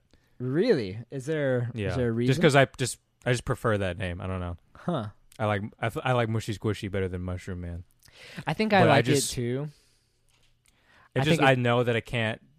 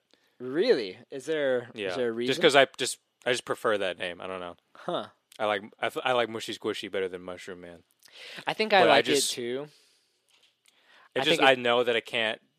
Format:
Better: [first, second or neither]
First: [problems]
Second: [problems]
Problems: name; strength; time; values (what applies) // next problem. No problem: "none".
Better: first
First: none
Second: thin; somewhat; fading below 400 Hz